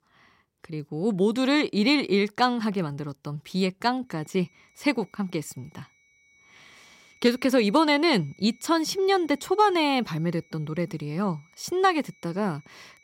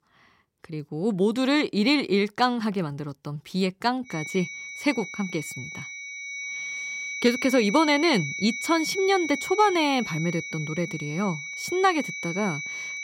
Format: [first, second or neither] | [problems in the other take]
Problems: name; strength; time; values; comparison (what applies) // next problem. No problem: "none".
first | high-pitched whine; loud; from 4 s on; 2.5 kHz, 7 dB below the speech; faint in the first